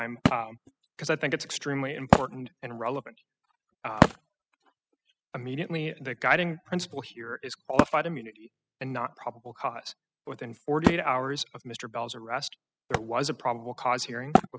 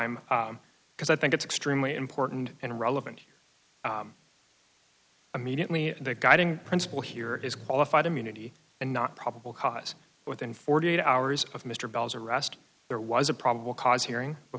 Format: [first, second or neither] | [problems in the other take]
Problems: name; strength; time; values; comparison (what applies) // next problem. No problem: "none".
second | noise reduction (classical method spectral subtraction)